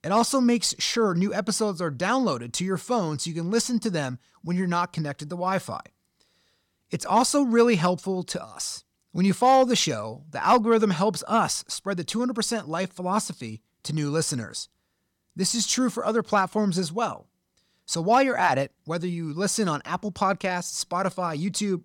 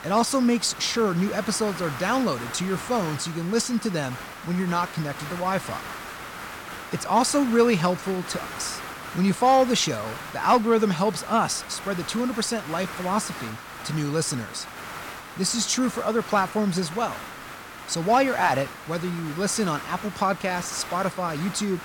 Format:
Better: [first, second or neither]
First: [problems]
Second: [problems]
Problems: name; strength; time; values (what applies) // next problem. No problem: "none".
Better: first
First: none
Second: hiss; noticeable; throughout; 10 dB below the speech